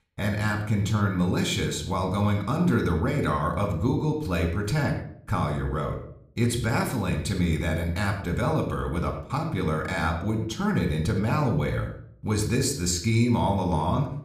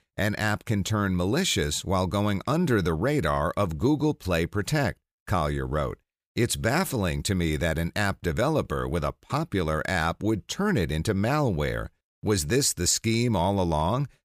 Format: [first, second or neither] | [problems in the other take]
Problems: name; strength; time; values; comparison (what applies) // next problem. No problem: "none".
second | off-mic speech; somewhat distant // room echo; slight; dies away in 0.5 s